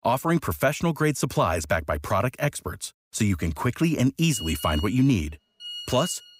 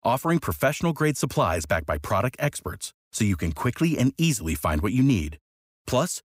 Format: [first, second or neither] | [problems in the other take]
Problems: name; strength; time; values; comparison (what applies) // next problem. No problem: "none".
second | phone ringing; noticeable; from 4.5 s on; peak 8 dB below the speech